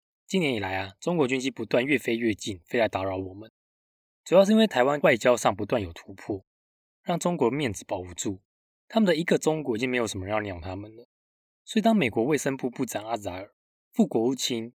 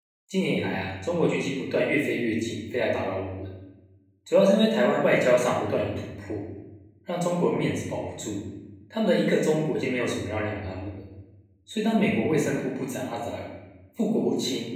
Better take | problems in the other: first | off-mic speech; far // room echo; noticeable; dies away in 1 s

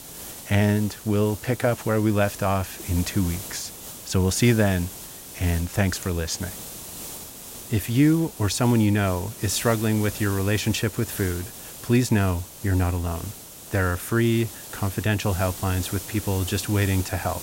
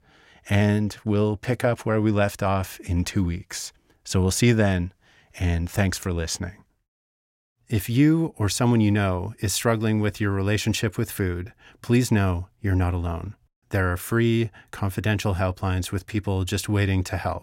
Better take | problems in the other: second | hiss; noticeable; throughout; 10 dB below the speech

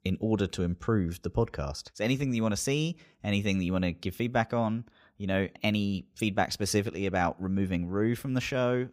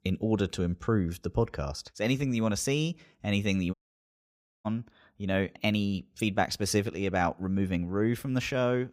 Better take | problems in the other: first | audio cutting out; at 3.5 s for 1 s

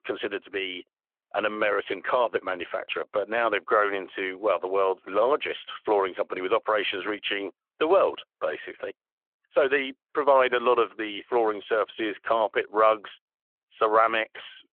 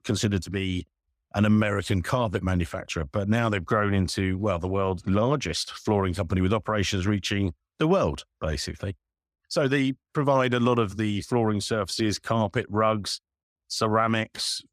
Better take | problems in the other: second | phone-call audio

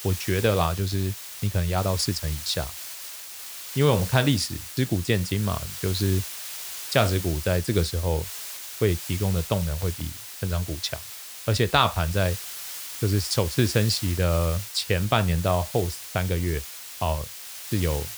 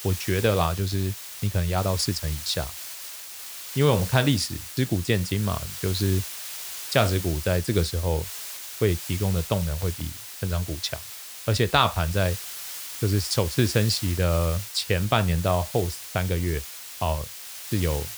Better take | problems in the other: neither | hiss; loud; throughout; 9 dB below the speech; the same in both

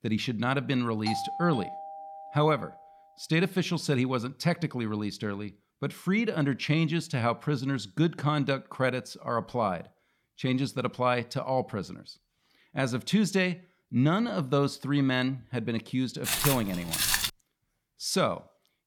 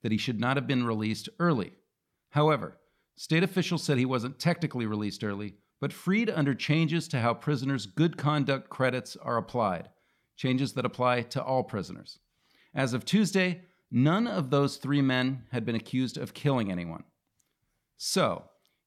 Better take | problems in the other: second | doorbell; noticeable; from 1 to 2.5 s; peak 4 dB below the speech // footsteps; loud; from 16 to 17 s; peak 4 dB above the speech

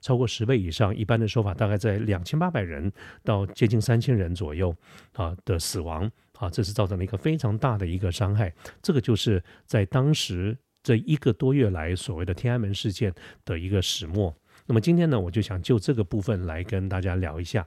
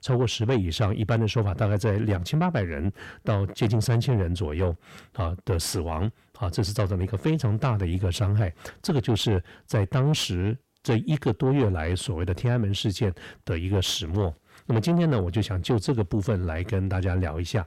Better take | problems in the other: first | distortion; slight; 10 dB below the speech

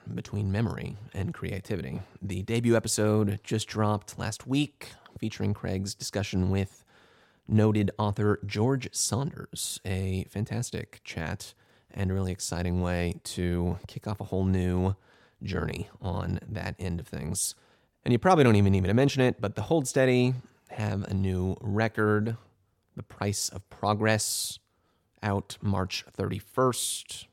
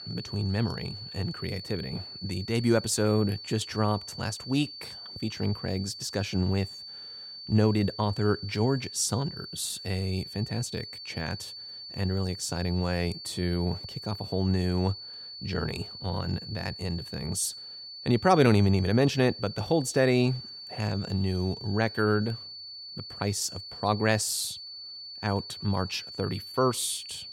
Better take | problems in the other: first | high-pitched whine; noticeable; throughout; 4.5 kHz, 10 dB below the speech

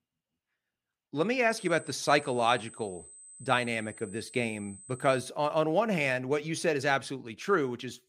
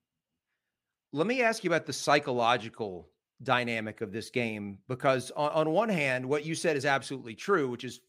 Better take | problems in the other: second | high-pitched whine; noticeable; from 1.5 to 5.5 s; 8 kHz, 20 dB below the speech

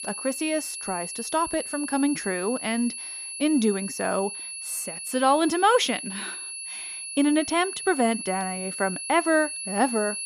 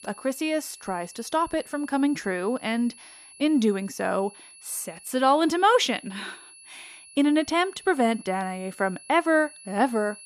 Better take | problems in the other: second | high-pitched whine; loud; throughout; 10.5 kHz, 7 dB below the speech; faint in the second

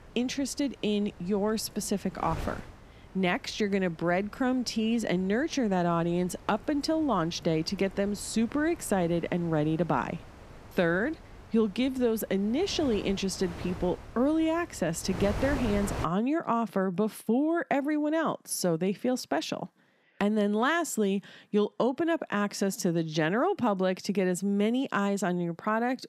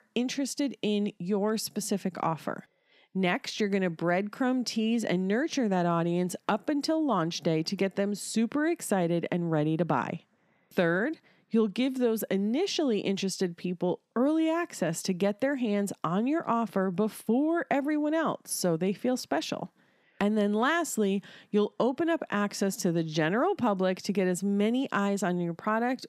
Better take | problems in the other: second | wind noise on the microphone; occasional gusts; until 16 s; 15 dB below the speech

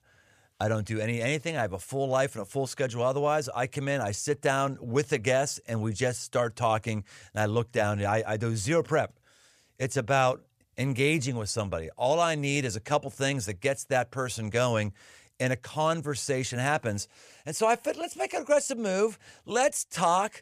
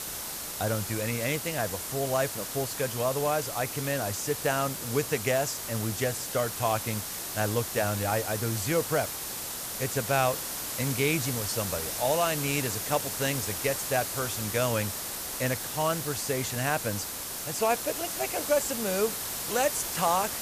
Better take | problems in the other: first | hiss; loud; throughout; 3 dB below the speech

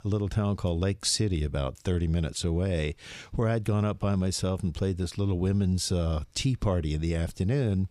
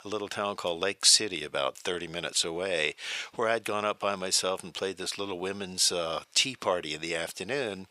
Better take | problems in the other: first | thin; very; fading below 650 Hz

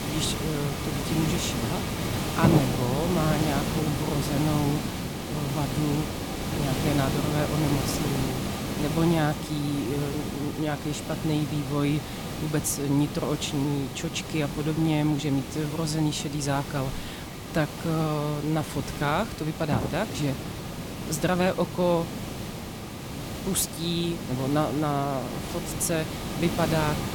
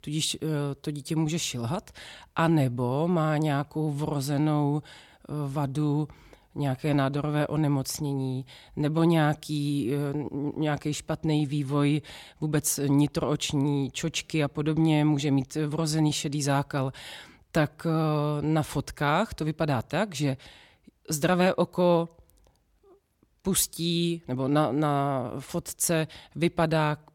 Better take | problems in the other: second | hiss; loud; throughout; 3 dB below the speech

